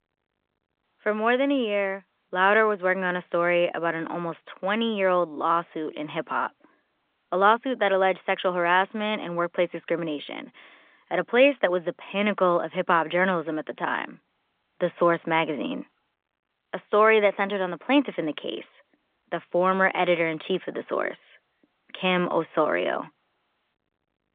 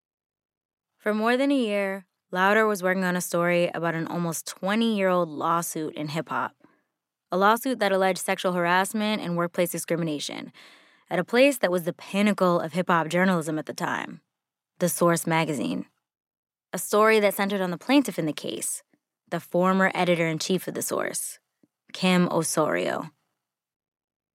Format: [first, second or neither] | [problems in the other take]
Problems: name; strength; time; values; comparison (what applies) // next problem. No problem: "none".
second | phone-call audio; nothing above 3.5 kHz